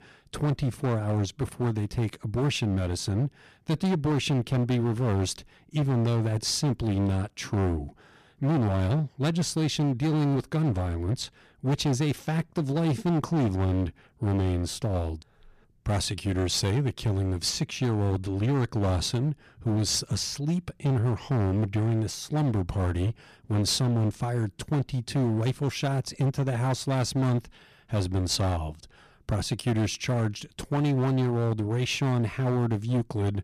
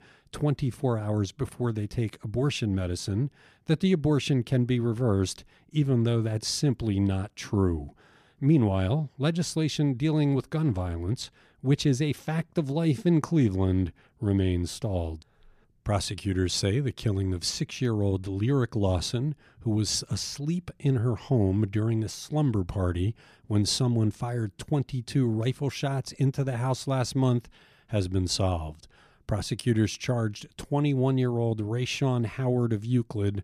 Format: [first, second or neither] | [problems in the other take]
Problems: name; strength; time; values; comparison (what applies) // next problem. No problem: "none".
second | distortion; slight; 15% of the sound clipped